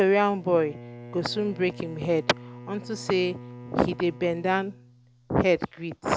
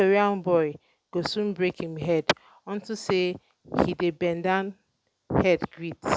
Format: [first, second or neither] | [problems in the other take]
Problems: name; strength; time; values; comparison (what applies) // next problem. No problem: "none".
second | background sound (Bowed string instrument); 17 dB below the speech